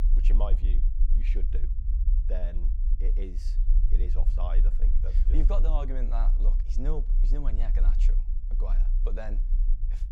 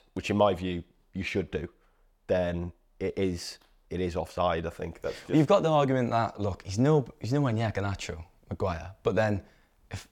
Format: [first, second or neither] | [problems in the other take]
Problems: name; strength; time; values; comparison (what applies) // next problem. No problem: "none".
second | low rumble; loud; throughout; 10 dB below the speech